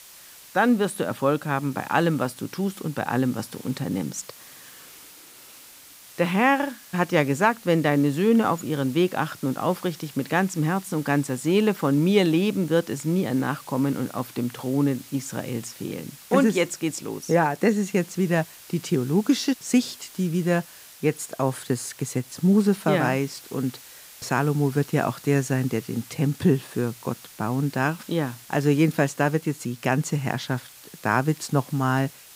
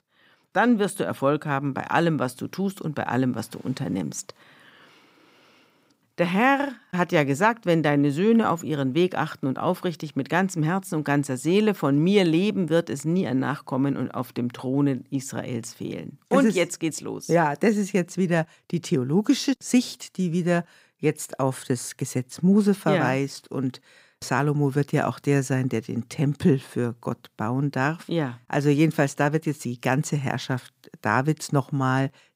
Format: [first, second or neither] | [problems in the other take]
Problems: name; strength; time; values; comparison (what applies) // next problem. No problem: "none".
second | hiss; noticeable; throughout; 20 dB below the speech